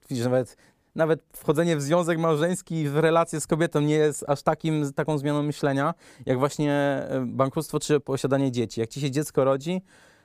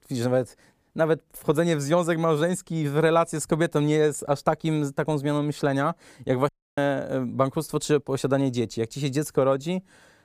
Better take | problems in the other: first | audio cutting out; at 6.5 s

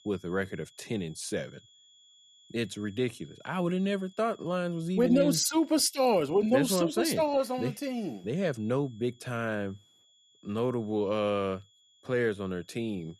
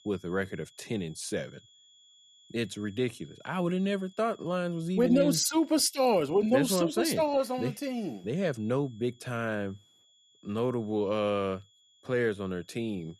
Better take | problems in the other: neither | high-pitched whine; faint; throughout; 3.5 kHz, 30 dB below the speech; the same in both

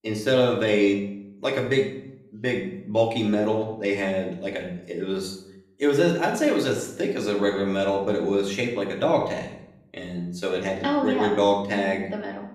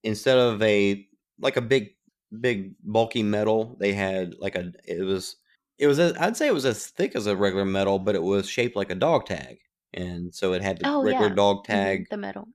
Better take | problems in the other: second | room echo; slight; dies away in 0.6 s // off-mic speech; far

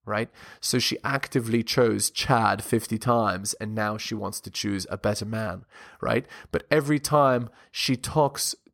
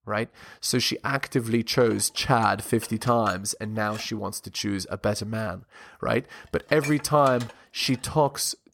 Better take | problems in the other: first | clattering dishes; faint; from 1.5 to 8 s; peak 10 dB below the speech

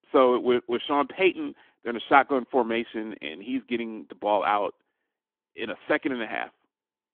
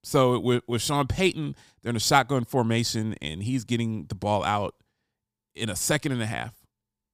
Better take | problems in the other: second | phone-call audio; nothing above 3.5 kHz

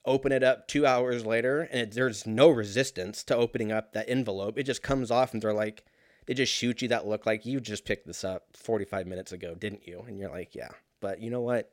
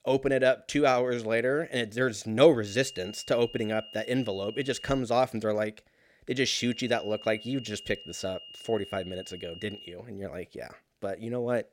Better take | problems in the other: first | high-pitched whine; noticeable; from 2.5 to 5 s and from 6.5 to 10 s; 3 kHz, 15 dB below the speech

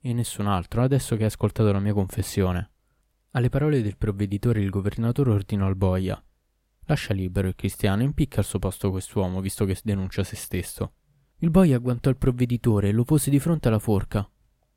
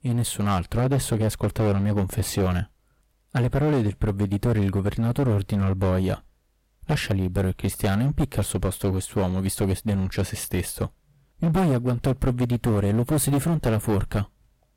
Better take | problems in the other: first | distortion; heavy; 16% of the sound clipped

